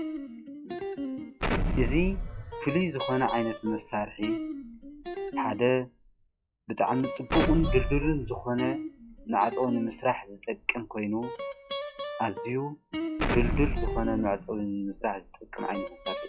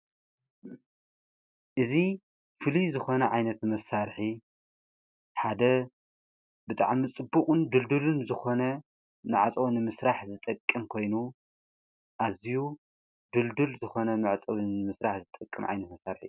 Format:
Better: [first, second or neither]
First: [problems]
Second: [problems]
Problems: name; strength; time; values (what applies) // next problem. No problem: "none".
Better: second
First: noise reduction (classical method log-MMSE)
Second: none